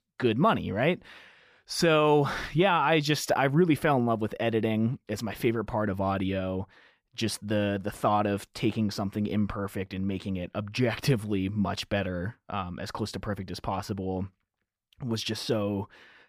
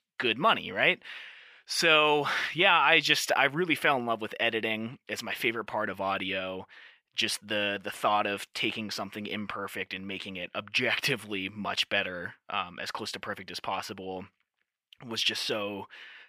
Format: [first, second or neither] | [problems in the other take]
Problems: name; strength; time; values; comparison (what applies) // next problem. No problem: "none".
first | thin; somewhat; fading below 700 Hz